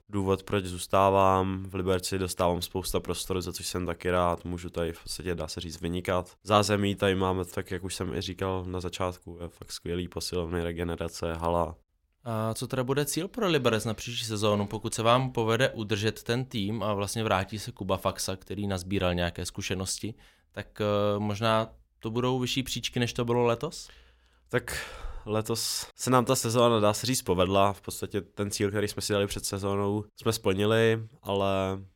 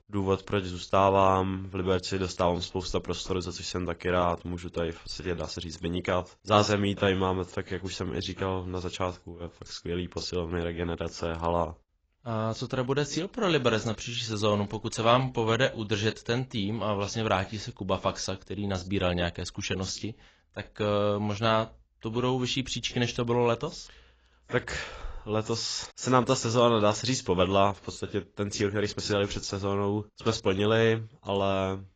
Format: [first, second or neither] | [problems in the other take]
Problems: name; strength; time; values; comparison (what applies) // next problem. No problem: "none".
first | garbled, watery; badly; nothing above 7.5 kHz